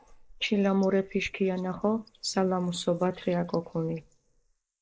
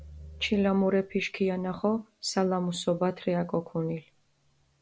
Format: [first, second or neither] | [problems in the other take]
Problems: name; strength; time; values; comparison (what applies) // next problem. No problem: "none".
second | noise reduction (neural mask model Resemble Enhance denoiser)